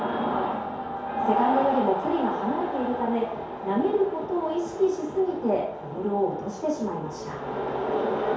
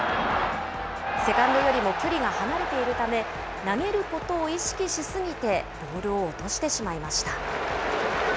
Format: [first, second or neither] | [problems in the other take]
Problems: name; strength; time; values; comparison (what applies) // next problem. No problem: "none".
second | room echo; dies away in 2.4 s